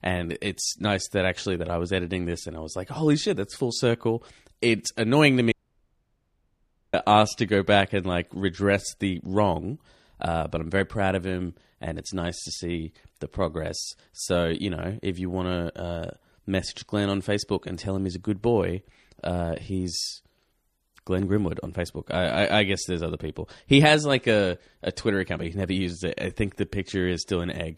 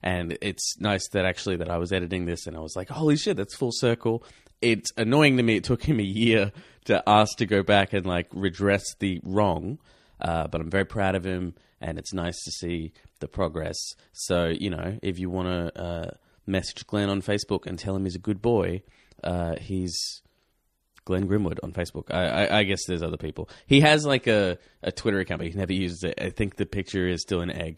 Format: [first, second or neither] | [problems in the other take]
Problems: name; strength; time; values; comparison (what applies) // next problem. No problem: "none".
second | audio cutting out; at 5.5 s for 1.5 s